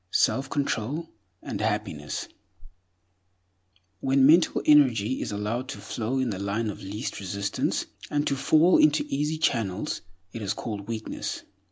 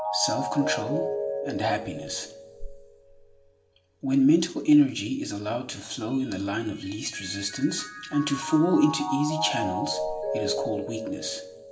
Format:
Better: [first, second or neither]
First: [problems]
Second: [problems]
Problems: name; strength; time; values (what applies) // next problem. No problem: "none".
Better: first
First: none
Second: background sound (Mallet percussion); 7 dB below the speech // room echo; dies away in 0.6 s